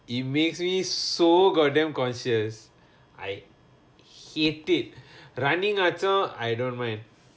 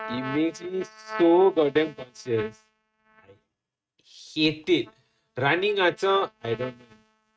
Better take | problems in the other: first | noise reduction (neural mask model RNNoise)

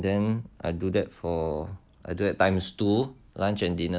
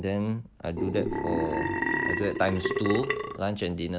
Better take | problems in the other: first | background sound (Burping, eructation); as loud as the speech

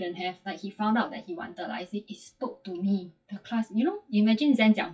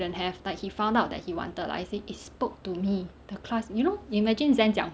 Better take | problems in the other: second | noise reduction (classical method WPE with log-MMSE)

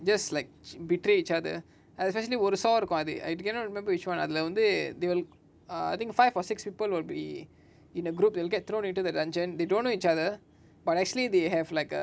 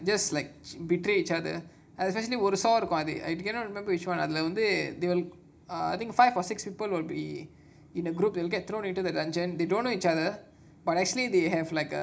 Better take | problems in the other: first | room echo; dies away in 0.4 s

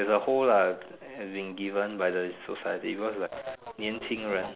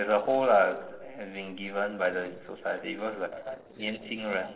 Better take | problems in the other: first | noise reduction (neural separator model SepFormer DNS4)

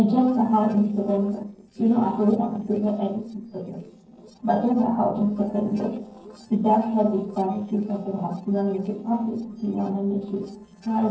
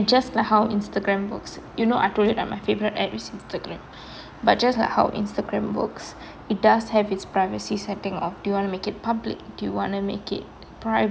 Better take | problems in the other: second | noise reduction (neural separator model SepFormer DNS4)

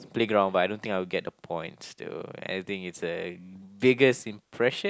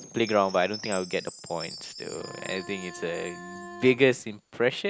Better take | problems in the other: first | background sound (Bowed string instrument + Chime); 15 dB below the speech

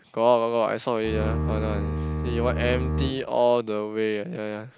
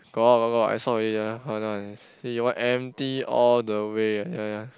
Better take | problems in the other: second | background sound (Bowed string instrument); 1 dB below the speech

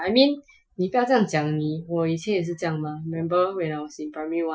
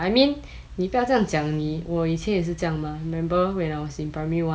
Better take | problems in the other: second | noise reduction (classical method Wiener filter)

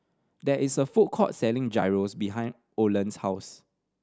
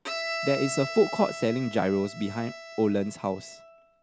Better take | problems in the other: first | background sound (Bowed string instrument); 10 dB below the speech

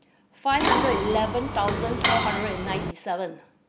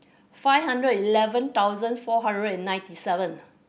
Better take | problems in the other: second | background sound (Mechanisms); 2 dB above the speech

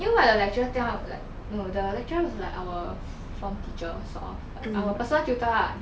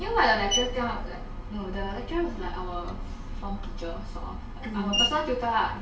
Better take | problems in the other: first | background sound (Screech); 7 dB below the speech // room echo; dies away in 0.8 s

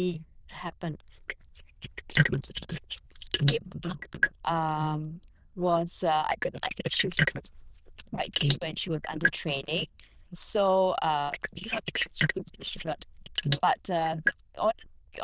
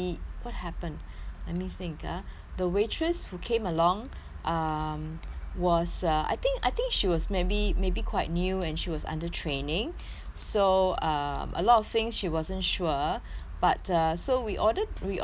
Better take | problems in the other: second | noise reduction (neural diffusion model UNIVERSE++)

